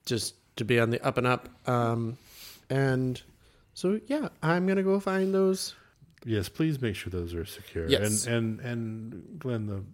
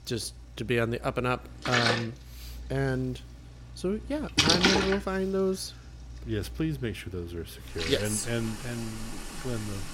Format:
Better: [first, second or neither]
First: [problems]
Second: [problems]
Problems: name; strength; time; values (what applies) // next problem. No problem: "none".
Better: first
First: none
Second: rain or running water; very loud; throughout; 3 dB above the speech